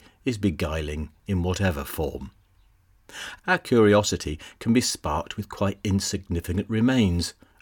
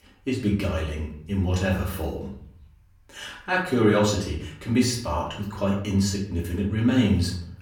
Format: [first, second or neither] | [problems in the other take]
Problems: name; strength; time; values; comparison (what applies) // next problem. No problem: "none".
first | room echo; slight; dies away in 0.6 s // off-mic speech; far